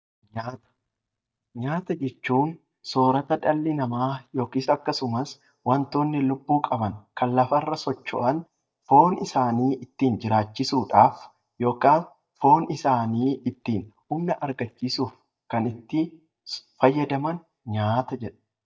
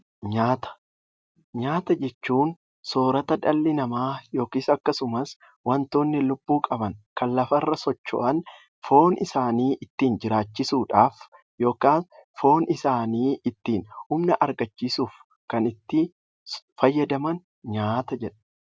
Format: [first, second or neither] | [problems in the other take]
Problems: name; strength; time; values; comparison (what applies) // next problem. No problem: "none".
second | noise reduction (neural mask model DeepFilterNet 3)